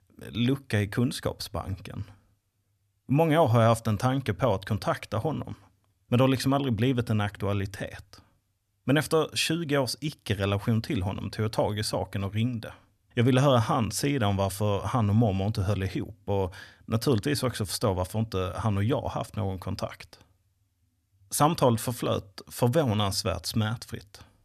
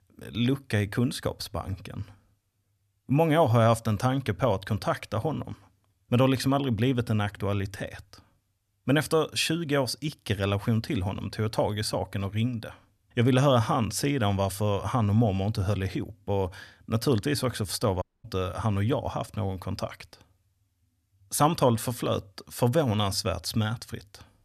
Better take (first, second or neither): first